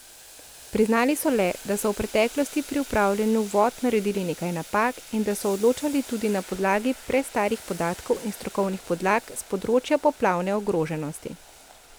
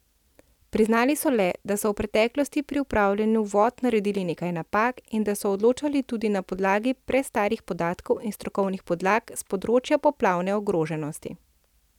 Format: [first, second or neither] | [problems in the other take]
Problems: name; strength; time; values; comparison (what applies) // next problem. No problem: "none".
second | background sound (Boiling); 18 dB below the speech